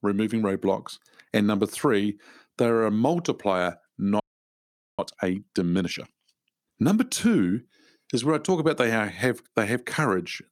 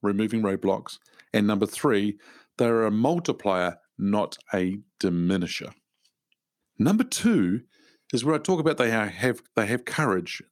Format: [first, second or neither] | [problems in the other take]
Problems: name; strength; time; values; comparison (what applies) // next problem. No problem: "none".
second | audio freezing; at 4 s for 1 s